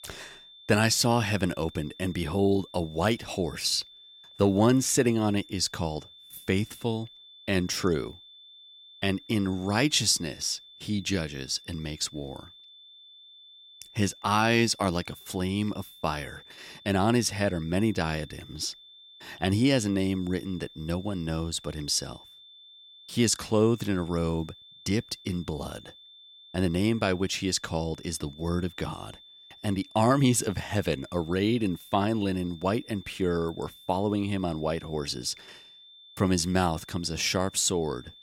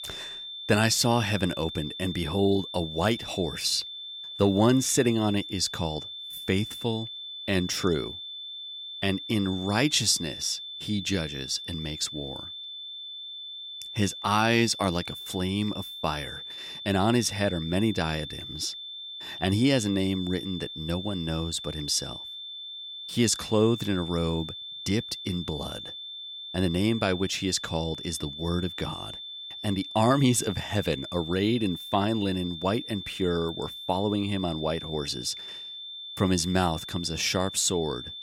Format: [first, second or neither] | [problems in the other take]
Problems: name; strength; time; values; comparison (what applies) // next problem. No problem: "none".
first | high-pitched whine; loud; throughout; 3.5 kHz, 9 dB below the speech; faint in the first